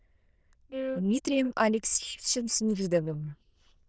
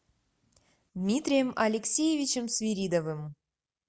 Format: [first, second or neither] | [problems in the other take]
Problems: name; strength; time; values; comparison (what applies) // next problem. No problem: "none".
second | noise reduction (neural diffusion model UNIVERSE++)